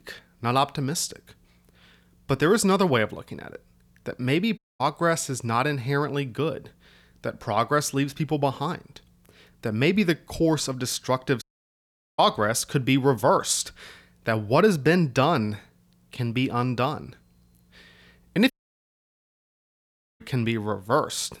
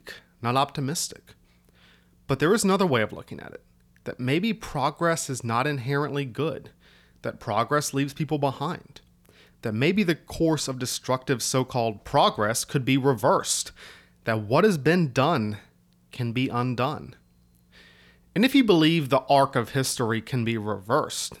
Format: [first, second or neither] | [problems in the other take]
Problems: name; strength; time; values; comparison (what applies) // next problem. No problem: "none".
second | audio cutting out; at 4.5 s, at 11 s for 1 s and at 19 s for 1.5 s